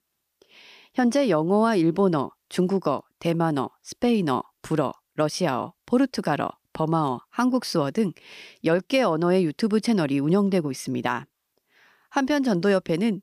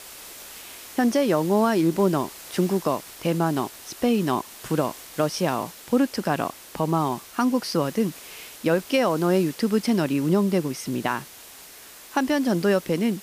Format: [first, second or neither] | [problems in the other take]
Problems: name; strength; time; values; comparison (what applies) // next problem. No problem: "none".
first | hiss; noticeable; throughout; 15 dB below the speech